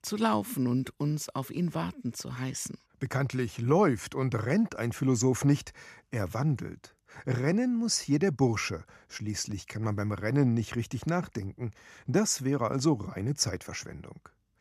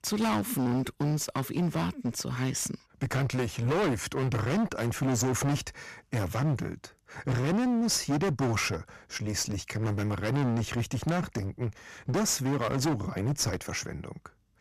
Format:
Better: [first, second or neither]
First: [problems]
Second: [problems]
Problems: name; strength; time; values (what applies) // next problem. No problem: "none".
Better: first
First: none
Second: distortion; heavy; 22% of the sound clipped